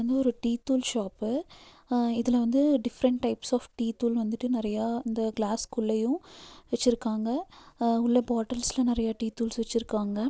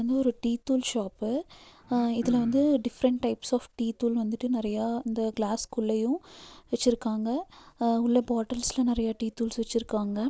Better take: first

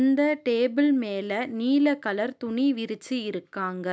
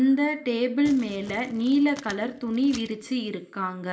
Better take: first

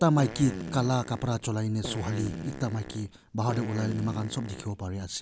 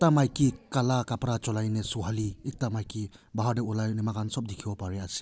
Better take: second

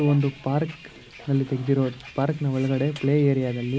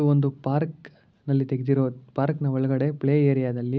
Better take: second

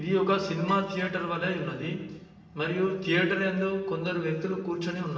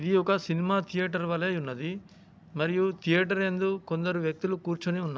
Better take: second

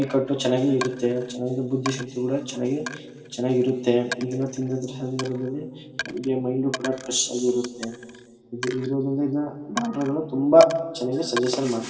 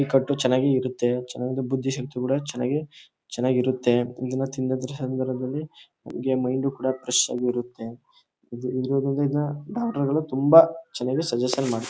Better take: second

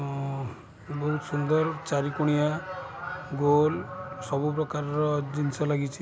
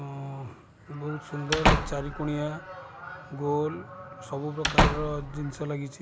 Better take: first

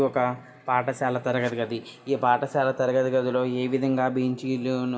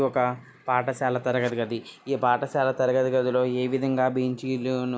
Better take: second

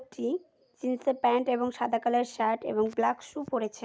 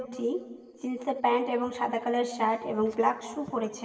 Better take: first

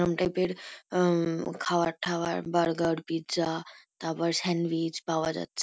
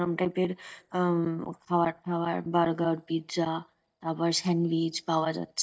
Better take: first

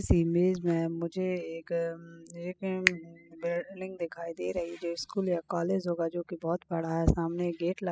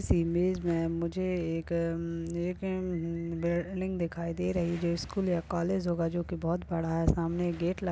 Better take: second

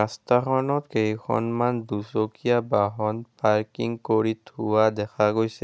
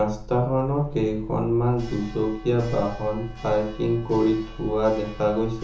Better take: first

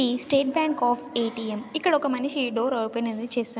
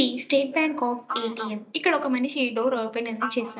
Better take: first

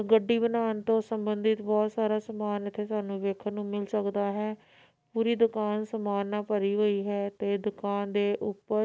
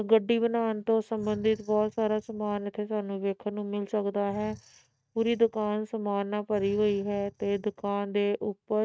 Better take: first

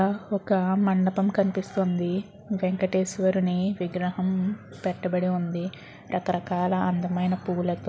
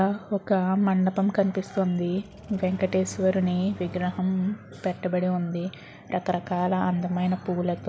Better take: first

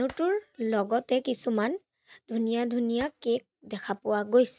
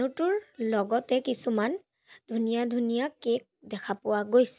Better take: second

